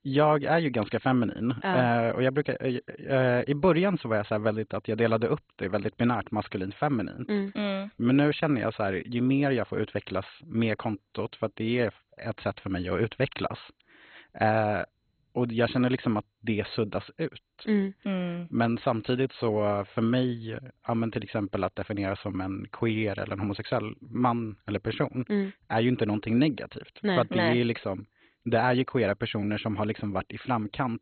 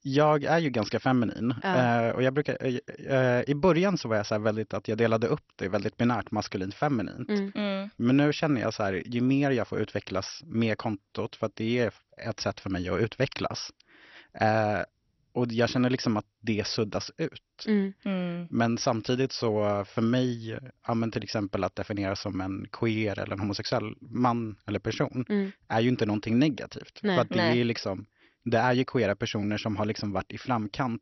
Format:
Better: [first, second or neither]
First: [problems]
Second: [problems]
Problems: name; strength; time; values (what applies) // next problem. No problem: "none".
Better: second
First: garbled, watery; badly; nothing above 4 kHz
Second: garbled, watery; slightly; nothing above 6 kHz